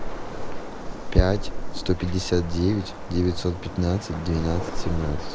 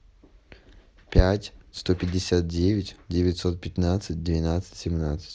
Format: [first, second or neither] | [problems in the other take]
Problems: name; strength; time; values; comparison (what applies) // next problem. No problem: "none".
second | background sound (Waves, surf); 3 dB below the speech